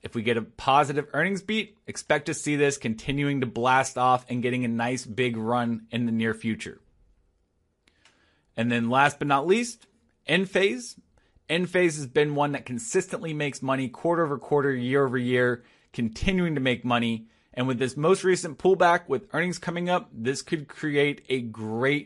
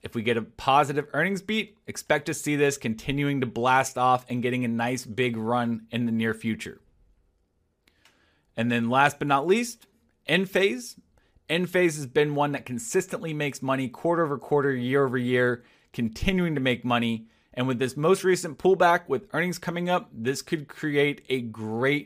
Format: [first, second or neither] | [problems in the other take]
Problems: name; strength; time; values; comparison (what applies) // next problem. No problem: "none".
second | garbled, watery; slightly; nothing above 11 kHz